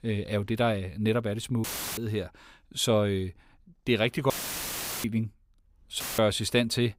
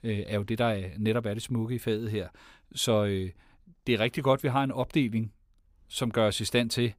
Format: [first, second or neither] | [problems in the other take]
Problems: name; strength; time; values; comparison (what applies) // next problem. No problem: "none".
second | audio cutting out; filled with static; at 1.5 s, at 4.5 s for 0.5 s and at 6 s